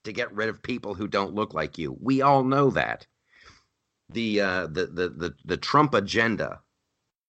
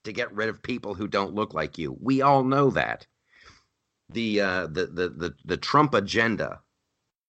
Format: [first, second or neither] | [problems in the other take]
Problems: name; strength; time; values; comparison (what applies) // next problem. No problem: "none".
neither | none